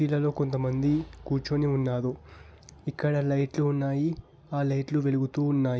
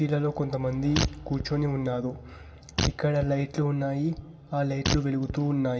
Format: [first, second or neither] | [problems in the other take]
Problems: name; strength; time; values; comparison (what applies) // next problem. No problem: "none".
first | background sound (Fart); 6 dB below the speech // room echo; dies away in 0.4 s